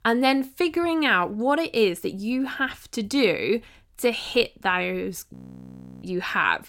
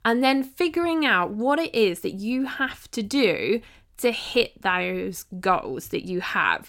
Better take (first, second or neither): second